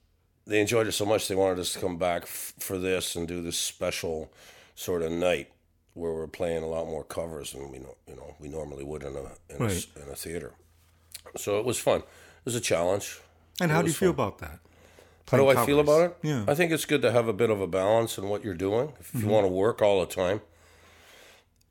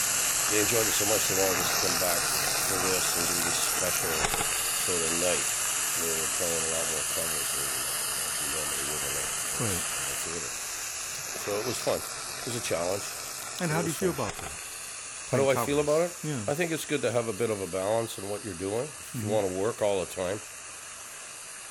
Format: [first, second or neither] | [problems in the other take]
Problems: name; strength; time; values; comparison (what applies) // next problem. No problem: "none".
first | household noises; very loud; throughout; 4 dB above the speech